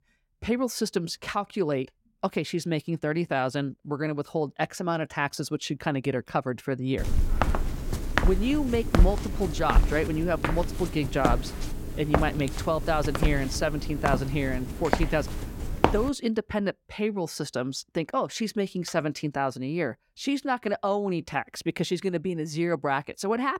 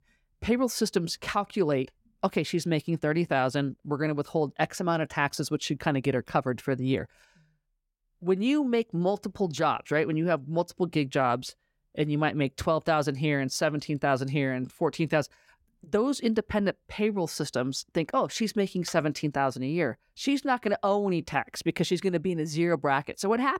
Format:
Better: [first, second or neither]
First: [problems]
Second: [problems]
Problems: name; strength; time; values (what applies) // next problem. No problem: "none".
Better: second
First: footsteps; loud; from 7 to 16 s; peak 5 dB above the speech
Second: none